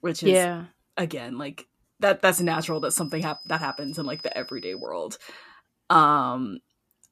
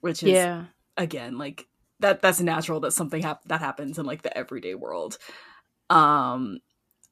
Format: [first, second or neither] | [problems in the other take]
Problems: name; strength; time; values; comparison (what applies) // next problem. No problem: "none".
second | high-pitched whine; noticeable; from 2.5 to 5 s; 5 kHz, 15 dB below the speech